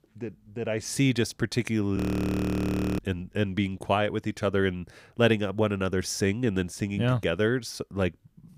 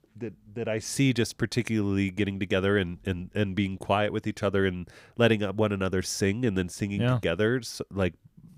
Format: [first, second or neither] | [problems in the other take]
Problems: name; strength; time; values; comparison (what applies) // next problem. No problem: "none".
second | audio freezing; at 2 s for 1 s